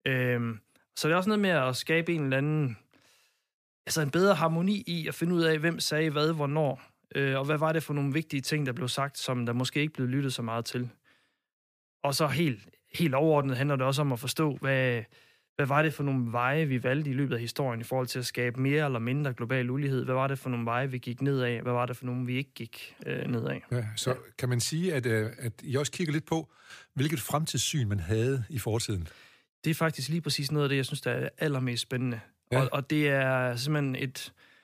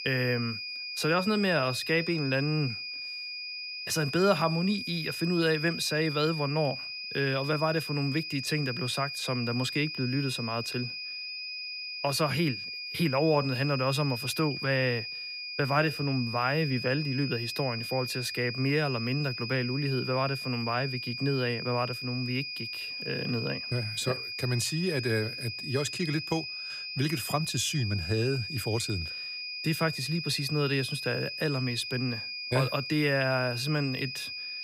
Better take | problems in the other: first | high-pitched whine; loud; throughout; 2.5 kHz, 5 dB below the speech

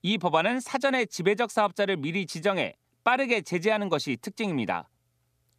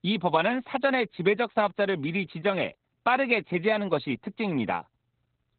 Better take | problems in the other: first | garbled, watery; badly; nothing above 4 kHz

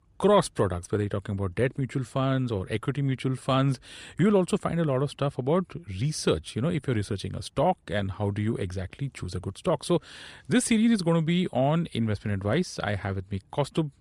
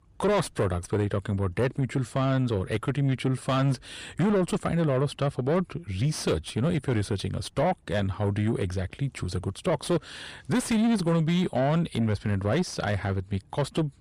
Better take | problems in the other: first | distortion; slight; 10 dB below the speech

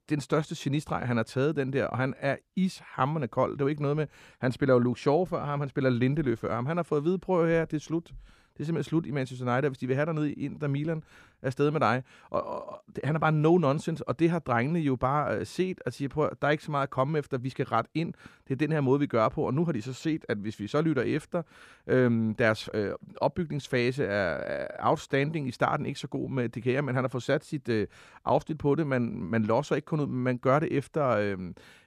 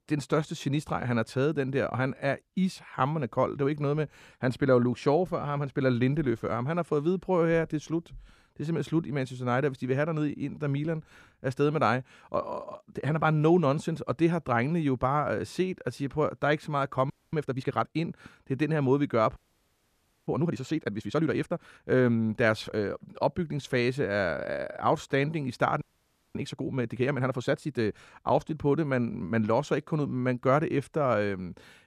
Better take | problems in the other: first | audio freezing; at 17 s, at 19 s for 1 s and at 26 s for 0.5 s

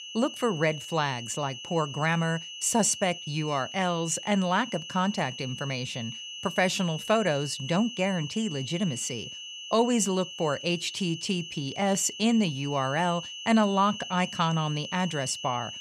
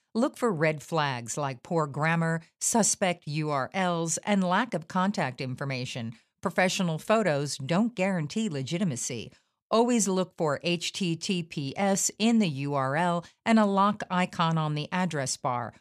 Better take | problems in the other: second | high-pitched whine; loud; throughout; 3 kHz, 10 dB below the speech

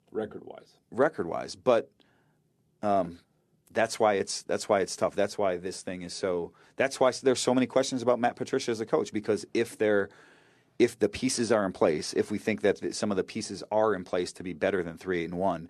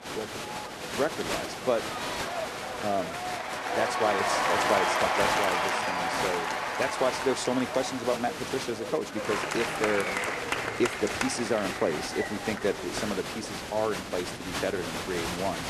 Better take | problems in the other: first | crowd noise; very loud; throughout; 1 dB above the speech

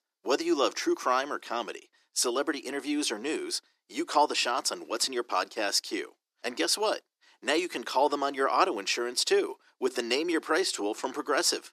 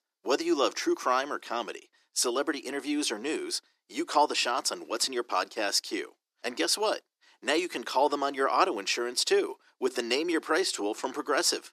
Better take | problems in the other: neither | thin; very; fading below 300 Hz; the same in both

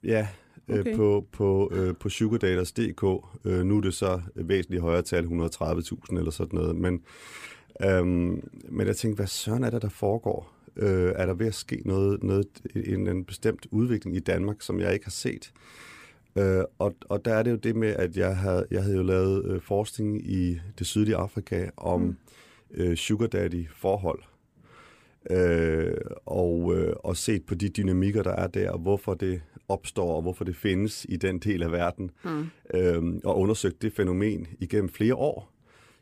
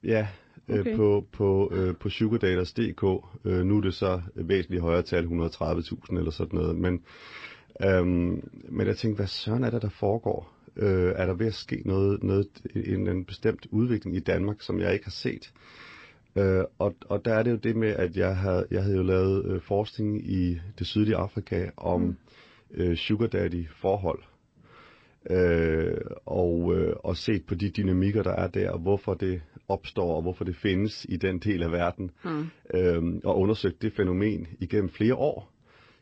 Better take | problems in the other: first | garbled, watery; slightly; nothing above 8 kHz

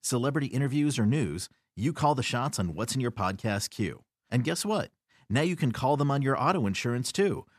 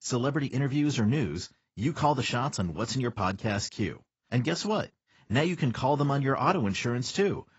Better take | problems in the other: first | garbled, watery; badly; nothing above 7.5 kHz

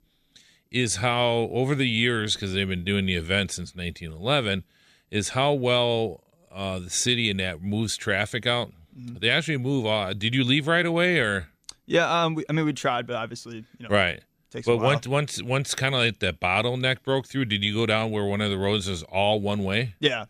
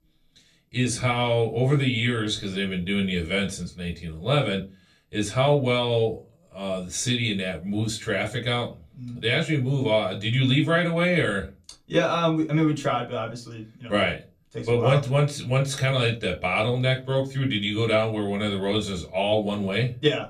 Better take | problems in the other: first | off-mic speech; far // room echo; very slight; dies away in 0.2 s

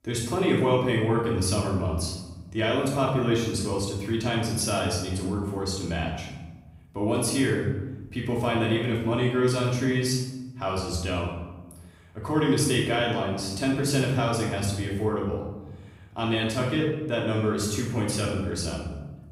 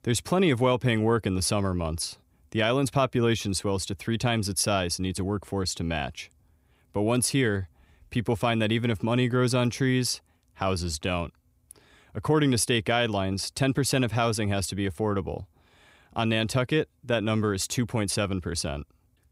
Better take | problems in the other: second | off-mic speech; far // room echo; noticeable; dies away in 1 s

